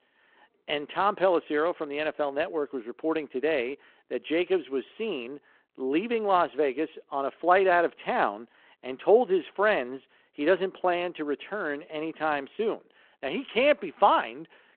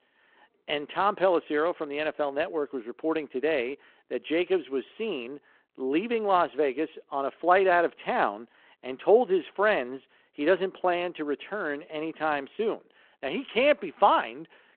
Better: neither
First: phone-call audio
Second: phone-call audio

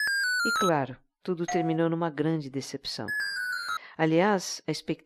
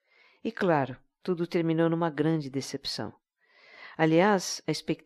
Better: second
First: alarm; loud; at the start; peak 4 dB above the speech // doorbell; noticeable; at 1.5 s; peak 5 dB below the speech // alarm; noticeable; at 3 s; peak level with the speech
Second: none

